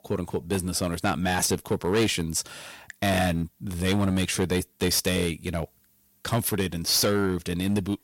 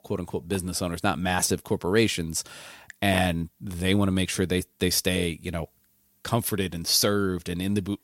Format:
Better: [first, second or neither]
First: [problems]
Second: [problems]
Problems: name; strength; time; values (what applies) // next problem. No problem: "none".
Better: second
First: distortion; slight; 6% of the sound clipped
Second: none